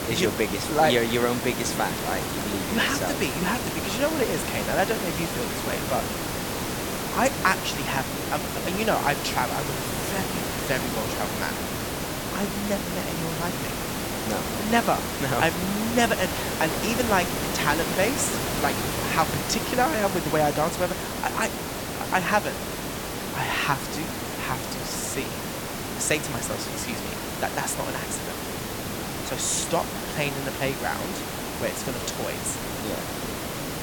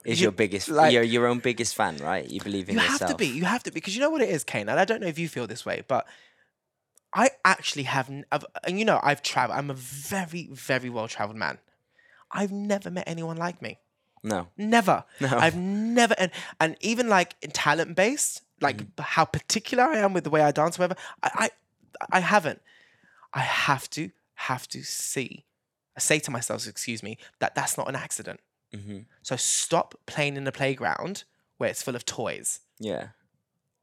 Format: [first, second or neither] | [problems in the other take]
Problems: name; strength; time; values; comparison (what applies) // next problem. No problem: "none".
second | hiss; loud; throughout; 2 dB below the speech